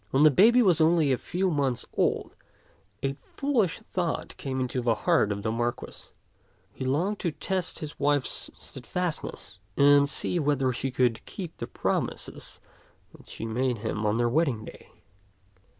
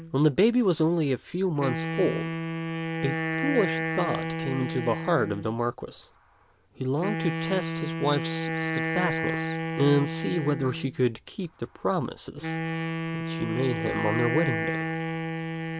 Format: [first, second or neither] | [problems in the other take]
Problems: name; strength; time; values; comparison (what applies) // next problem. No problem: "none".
first | background sound (Wind instrument, woodwind instrument); 3 dB below the speech